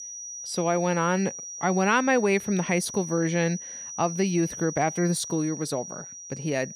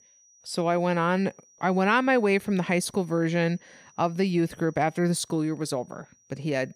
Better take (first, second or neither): second